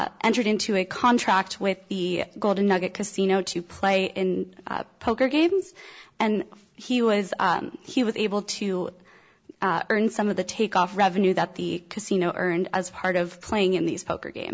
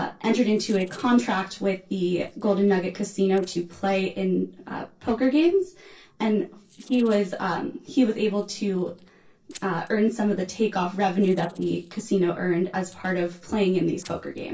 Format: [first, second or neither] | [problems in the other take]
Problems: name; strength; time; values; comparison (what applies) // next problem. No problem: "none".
first | noise reduction (neural separator model SepFormer DNS4)